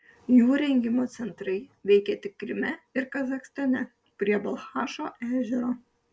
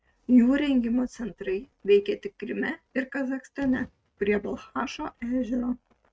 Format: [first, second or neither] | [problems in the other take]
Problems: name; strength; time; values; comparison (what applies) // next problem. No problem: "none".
first | noise reduction (neural mask model RNNoise)